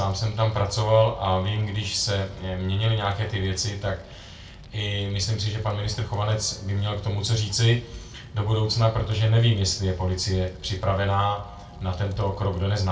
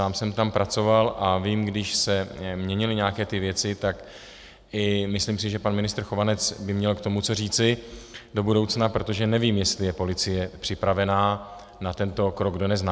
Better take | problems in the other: second | background sound (Fire); 20 dB below the speech // room echo; dies away in 0.3 s

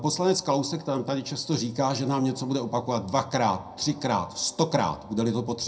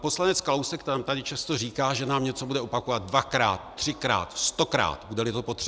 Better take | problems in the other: second | room echo; dies away in 0.2 s

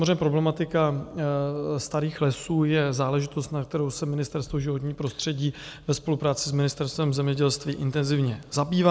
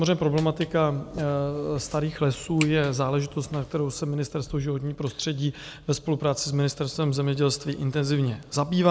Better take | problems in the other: first | background sound (Walk, footsteps); 16 dB below the speech

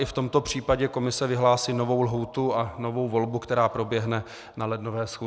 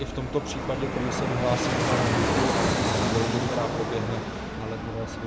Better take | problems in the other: first | background sound (Fixed-wing aircraft, airplane); 4 dB above the speech // room echo; dies away in 1 s

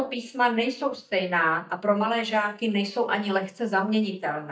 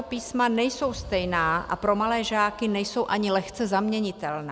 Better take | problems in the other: second | noise reduction (neural mask model DeepFilterNet 3)

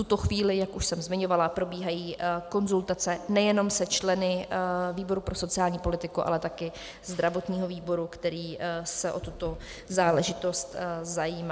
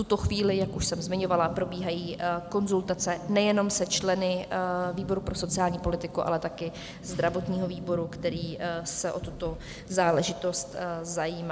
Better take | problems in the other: first | background sound (Rain / Thunderstorm); 12 dB below the speech

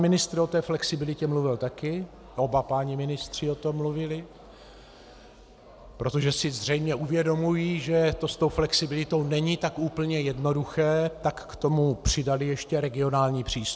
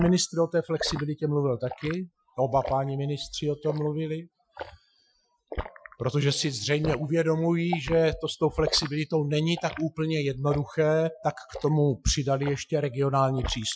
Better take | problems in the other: first | noise reduction (classical method Wiener filter)

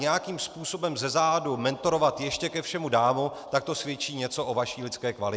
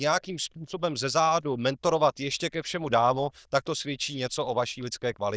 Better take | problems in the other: first | noise reduction (neural diffusion model UNIVERSE++)

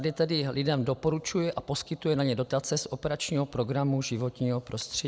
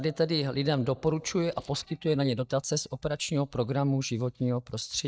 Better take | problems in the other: first | noise reduction (neural mask model DeepFilterNet 3)

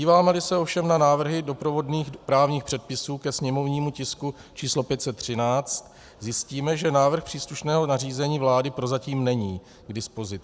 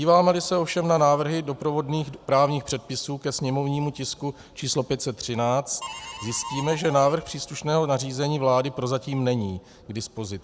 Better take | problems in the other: first | background sound (Harmonica); 12 dB below the speech

